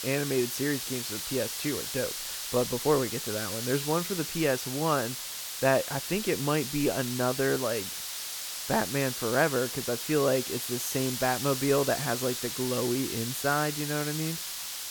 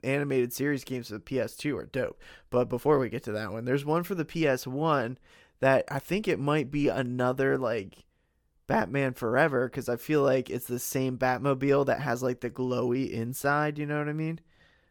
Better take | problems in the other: second | hiss; loud; throughout; 4 dB below the speech

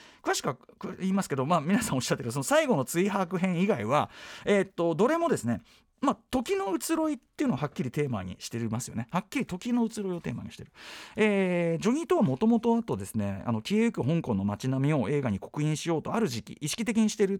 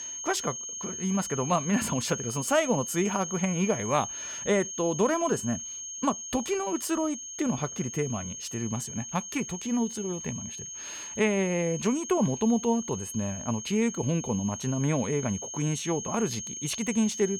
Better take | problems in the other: first | high-pitched whine; loud; throughout; 6.5 kHz, 7 dB below the speech

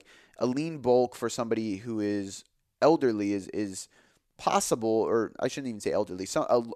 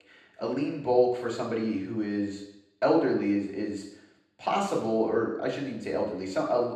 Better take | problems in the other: first | room echo; noticeable; dies away in 0.8 s // off-mic speech; far

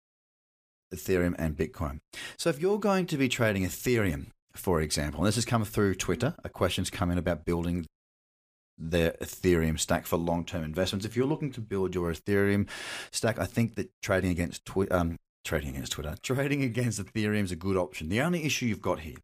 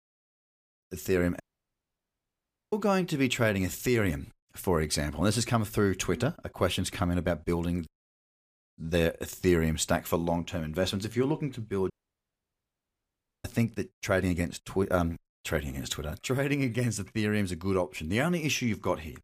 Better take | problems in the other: first | audio cutting out; at 1.5 s for 1.5 s and at 12 s for 1.5 s

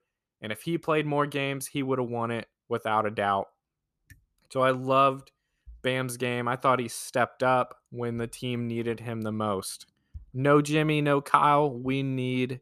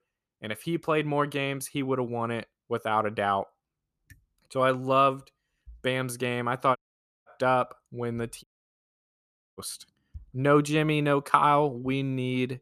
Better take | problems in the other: first | audio cutting out; at 7 s for 0.5 s and at 8.5 s for 1 s

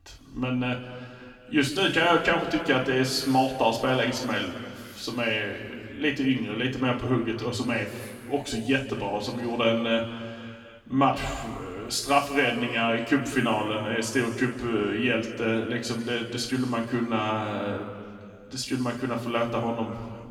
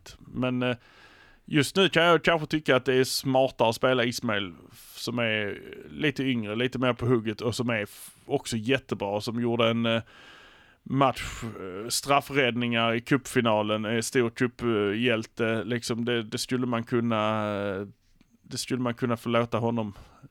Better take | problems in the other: second | room echo; noticeable; dies away in 1.9 s // off-mic speech; far

